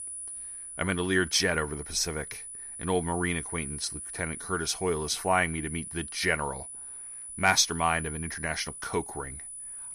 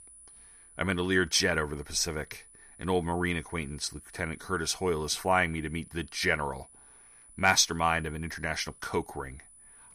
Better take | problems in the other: second | high-pitched whine; loud; throughout; 10 kHz, 9 dB below the speech; faint in the second

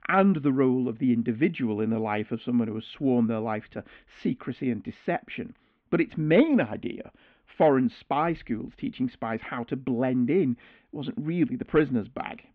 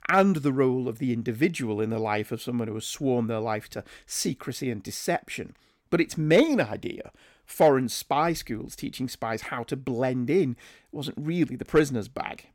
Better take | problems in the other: second | muffled; very; fading above 3 kHz

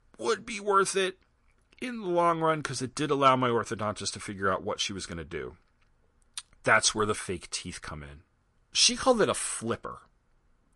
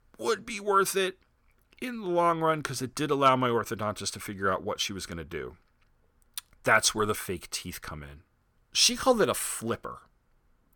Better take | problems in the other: second | garbled, watery; slightly

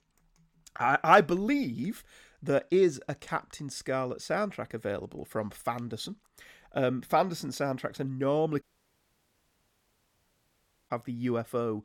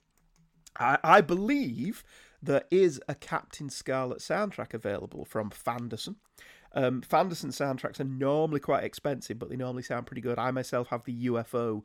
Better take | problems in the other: second | audio cutting out; at 8.5 s for 2.5 s

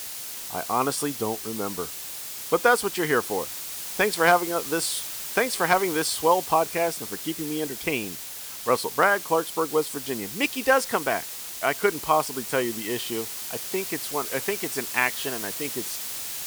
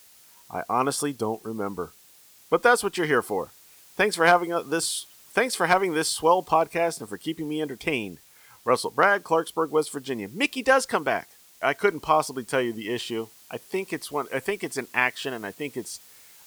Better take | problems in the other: second | hiss; loud; throughout; 6 dB below the speech; faint in the second

